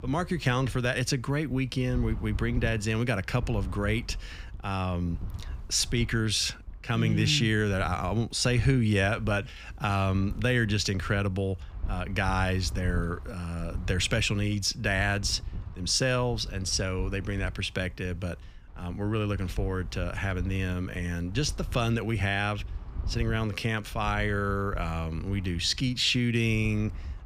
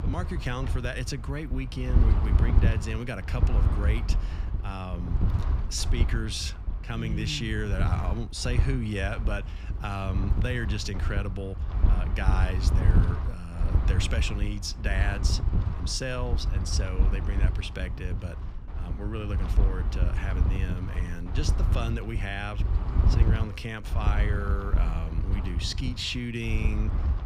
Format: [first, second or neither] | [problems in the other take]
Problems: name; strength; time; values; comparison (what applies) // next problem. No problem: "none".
first | wind noise on the microphone; heavy; 7 dB below the speech; occasional gusts in the first